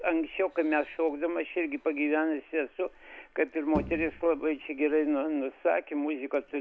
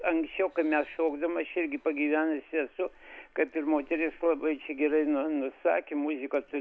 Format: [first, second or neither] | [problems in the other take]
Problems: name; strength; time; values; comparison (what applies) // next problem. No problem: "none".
second | background sound (Bowed string instrument); 10 dB below the speech